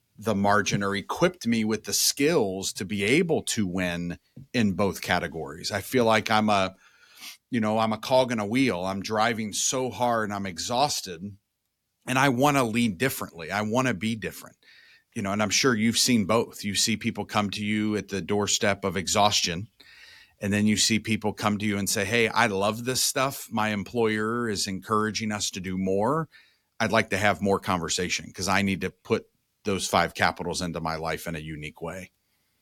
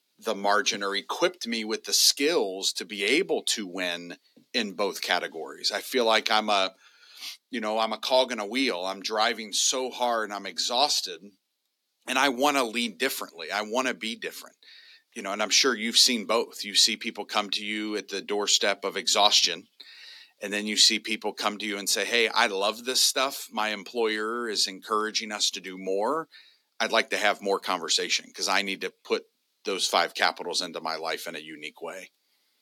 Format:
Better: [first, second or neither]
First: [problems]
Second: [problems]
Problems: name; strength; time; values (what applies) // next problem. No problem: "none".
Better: first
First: none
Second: thin; somewhat; fading below 300 Hz